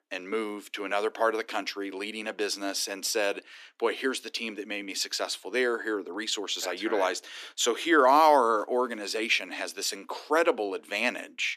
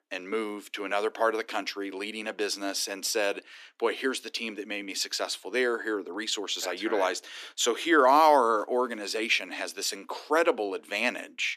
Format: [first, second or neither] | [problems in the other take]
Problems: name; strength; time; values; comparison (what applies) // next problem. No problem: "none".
neither | thin; somewhat; fading below 300 Hz; the same in both